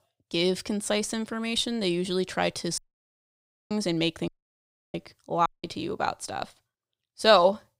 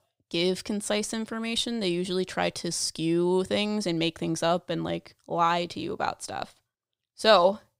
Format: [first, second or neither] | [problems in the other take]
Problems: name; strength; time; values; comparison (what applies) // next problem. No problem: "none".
second | audio cutting out; at 3 s for 1 s, at 4.5 s for 0.5 s and at 5.5 s